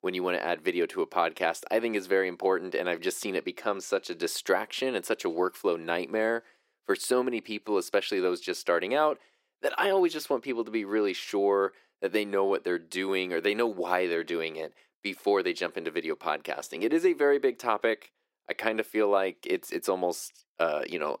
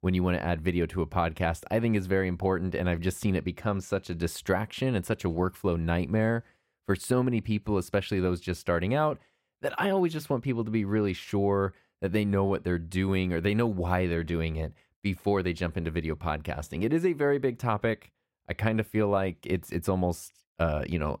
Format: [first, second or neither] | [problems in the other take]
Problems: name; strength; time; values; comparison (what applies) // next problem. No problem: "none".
second | thin; somewhat; fading below 350 Hz